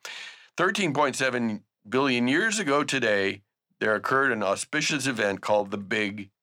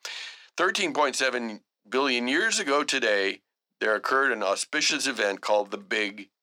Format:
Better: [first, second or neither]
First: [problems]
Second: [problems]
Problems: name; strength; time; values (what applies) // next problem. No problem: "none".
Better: first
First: none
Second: thin; very slightly; fading below 300 Hz